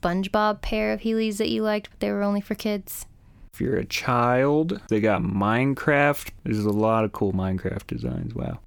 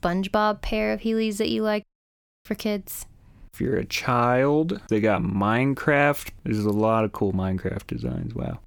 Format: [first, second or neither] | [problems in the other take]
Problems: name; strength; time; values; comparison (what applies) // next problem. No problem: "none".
first | audio cutting out; at 2 s for 0.5 s